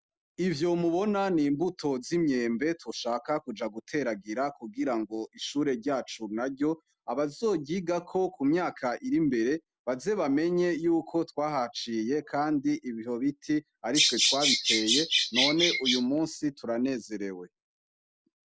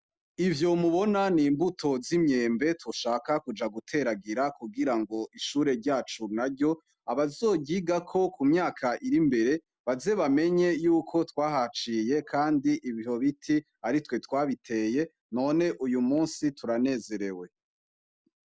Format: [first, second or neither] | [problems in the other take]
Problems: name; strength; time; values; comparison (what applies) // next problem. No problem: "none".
second | background sound (Bird vocalization, bird call, bird song); 3 dB above the speech